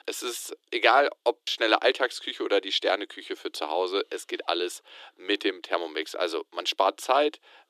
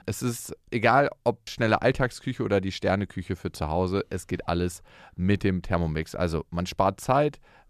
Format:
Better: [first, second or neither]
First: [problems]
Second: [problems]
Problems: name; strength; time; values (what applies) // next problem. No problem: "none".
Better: second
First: thin; very; fading below 300 Hz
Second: none